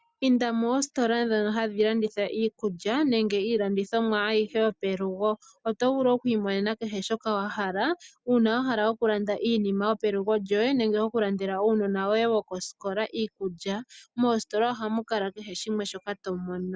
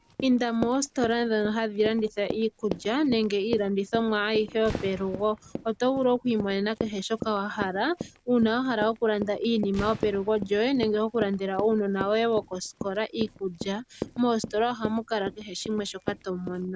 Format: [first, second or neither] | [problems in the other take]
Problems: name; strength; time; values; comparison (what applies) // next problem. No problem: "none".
first | background sound (Run + Fireworks); 12 dB below the speech